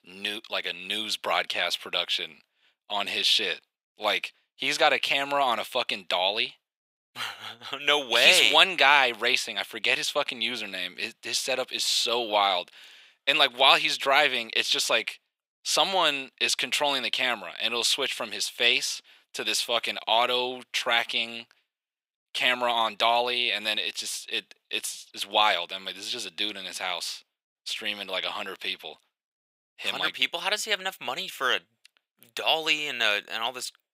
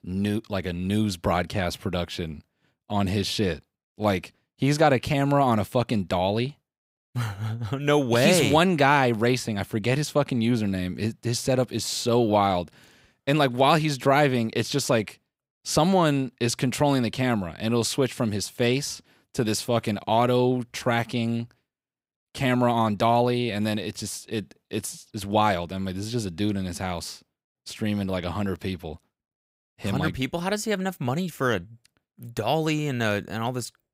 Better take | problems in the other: second | thin; very; fading below 650 Hz

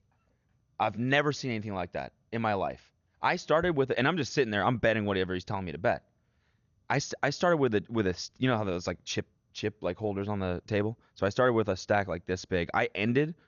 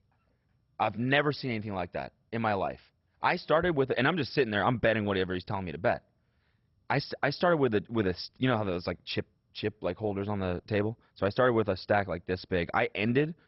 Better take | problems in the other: first | garbled, watery; badly; nothing above 5.5 kHz; slightly in the first

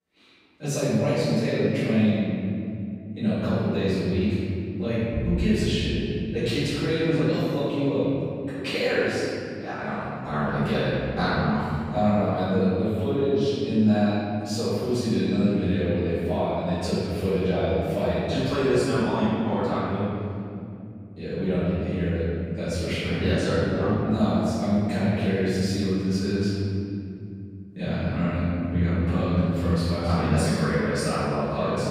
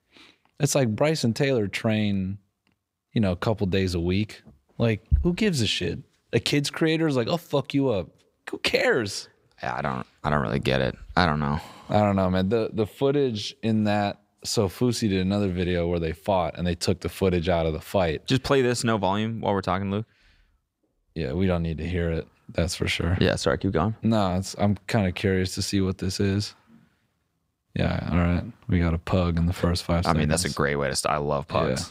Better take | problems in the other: second | off-mic speech; far // room echo; strong; dies away in 2.9 s

